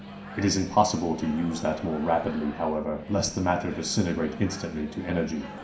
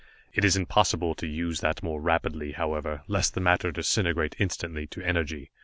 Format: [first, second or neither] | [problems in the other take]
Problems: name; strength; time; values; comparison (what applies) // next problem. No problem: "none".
second | background sound (Microwave oven); 14 dB below the speech // room echo; dies away in 0.5 s